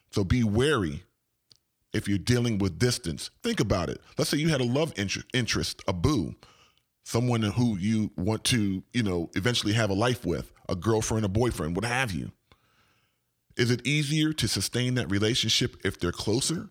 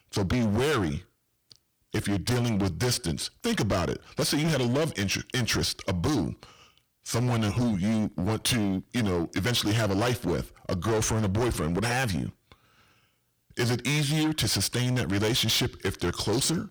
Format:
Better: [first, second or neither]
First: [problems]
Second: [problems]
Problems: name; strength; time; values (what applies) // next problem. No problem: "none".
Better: first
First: none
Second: distortion; heavy; 19% of the sound clipped